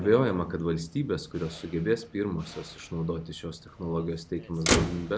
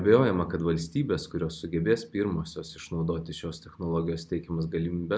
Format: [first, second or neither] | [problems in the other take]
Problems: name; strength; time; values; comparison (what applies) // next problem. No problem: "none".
second | background sound (Motor vehicle (road)); 6 dB below the speech